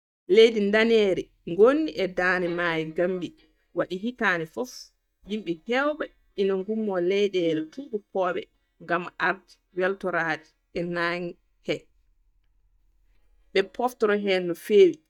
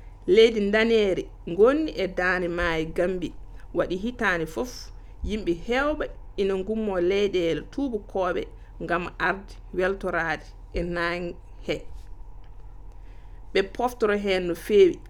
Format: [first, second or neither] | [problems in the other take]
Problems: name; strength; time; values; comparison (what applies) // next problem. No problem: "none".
second | noise reduction (neural mask model DeepFilterNet 3)